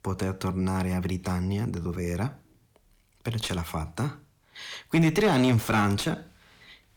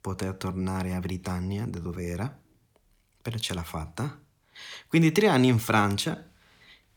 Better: second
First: distortion; slight; 9 dB below the speech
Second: none

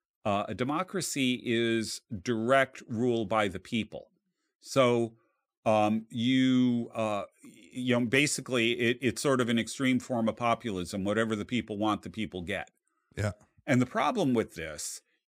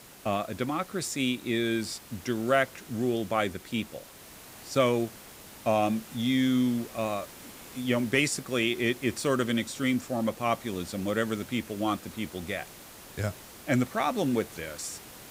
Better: first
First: none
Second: hiss; noticeable; throughout; 15 dB below the speech

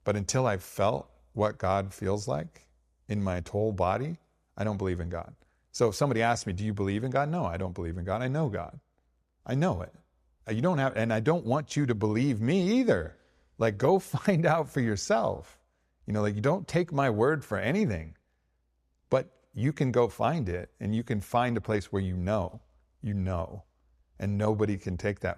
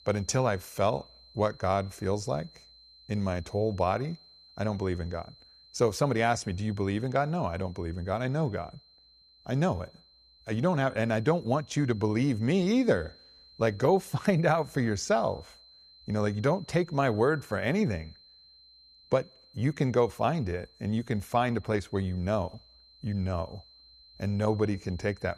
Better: first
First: none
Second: high-pitched whine; faint; throughout; 4 kHz, 25 dB below the speech

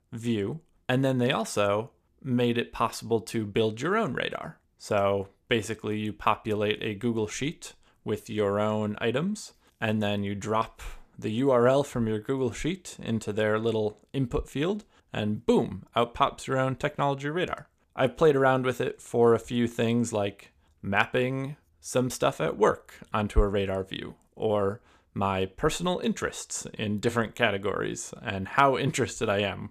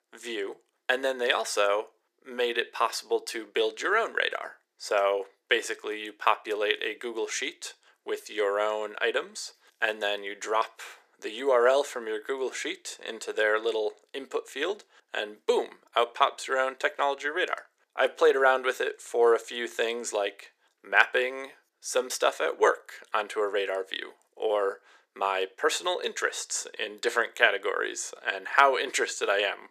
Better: first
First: none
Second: thin; very; fading below 350 Hz

